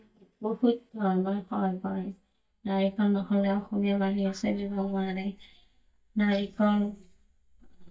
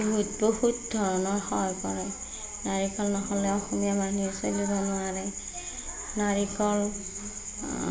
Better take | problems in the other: second | noise reduction (neural mask model DeepFilterNet 3)

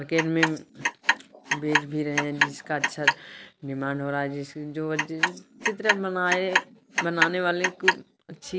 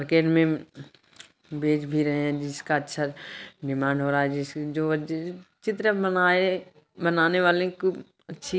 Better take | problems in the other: second | background sound (Clock); 1 dB above the speech

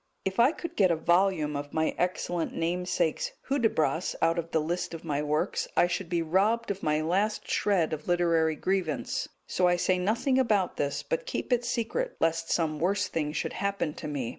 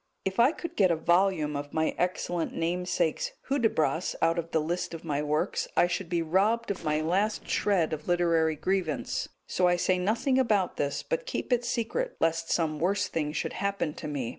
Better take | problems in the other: first | noise reduction (neural separator model SepFormer DNS4)

